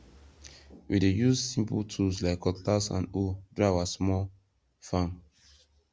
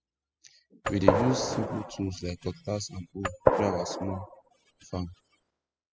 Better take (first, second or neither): first